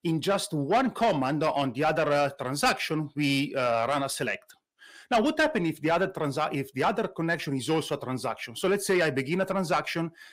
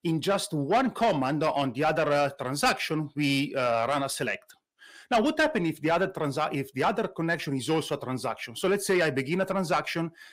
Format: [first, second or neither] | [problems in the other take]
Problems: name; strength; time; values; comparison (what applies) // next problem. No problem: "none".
neither | distortion; slight; 10 dB below the speech; the same in both